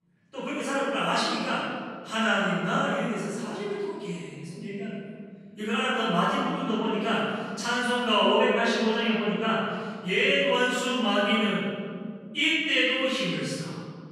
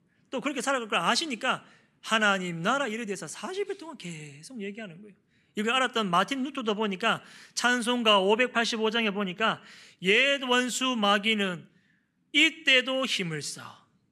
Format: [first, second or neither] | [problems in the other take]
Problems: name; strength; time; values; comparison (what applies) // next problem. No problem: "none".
second | off-mic speech; far // room echo; strong; dies away in 2.2 s